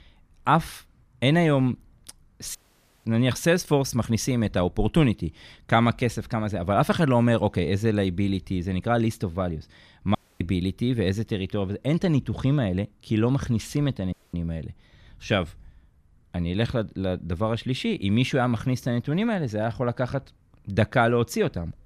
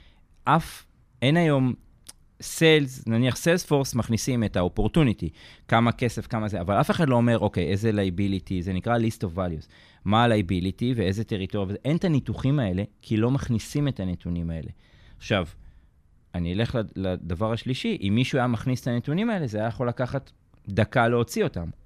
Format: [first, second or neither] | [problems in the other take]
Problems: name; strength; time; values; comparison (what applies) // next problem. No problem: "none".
second | audio cutting out; at 2.5 s for 0.5 s, at 10 s and at 14 s